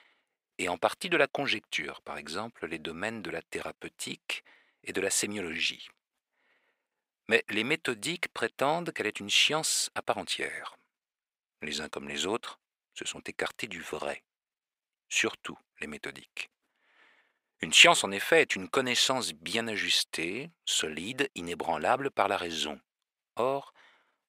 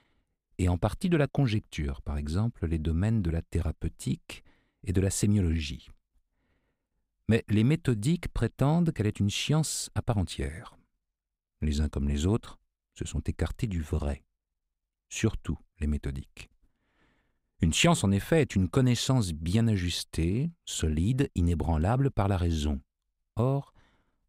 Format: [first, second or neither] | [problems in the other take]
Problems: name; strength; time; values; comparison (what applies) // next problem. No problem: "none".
second | thin; very; fading below 550 Hz